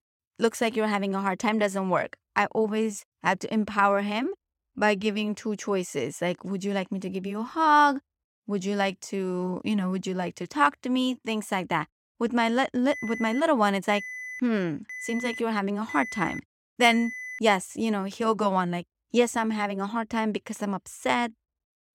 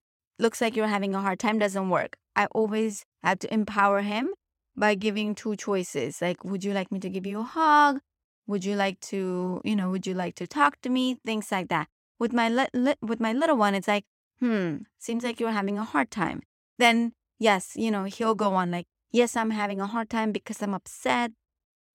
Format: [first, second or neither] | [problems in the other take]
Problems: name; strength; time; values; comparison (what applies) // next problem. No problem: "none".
second | alarm; noticeable; from 13 to 17 s; peak 8 dB below the speech